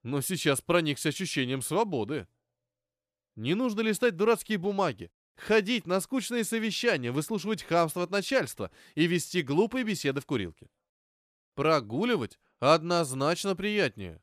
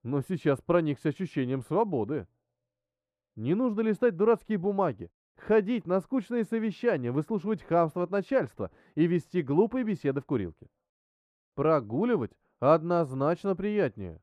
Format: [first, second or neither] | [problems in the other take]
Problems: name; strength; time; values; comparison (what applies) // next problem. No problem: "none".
first | muffled; very; fading above 2.5 kHz